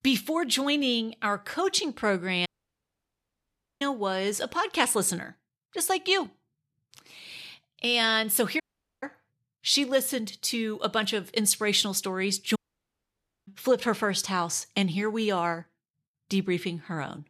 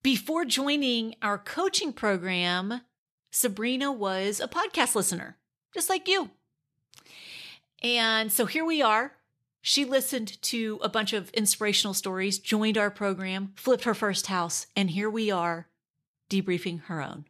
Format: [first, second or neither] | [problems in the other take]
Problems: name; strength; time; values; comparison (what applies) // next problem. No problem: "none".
second | audio cutting out; at 2.5 s for 1.5 s, at 8.5 s and at 13 s for 1 s